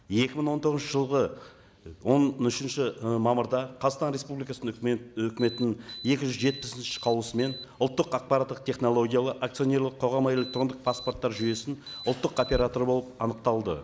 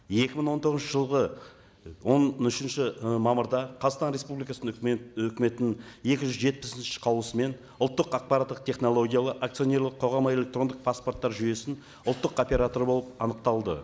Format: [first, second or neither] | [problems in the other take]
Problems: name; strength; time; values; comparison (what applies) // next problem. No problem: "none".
second | background sound (Alarm); 16 dB below the speech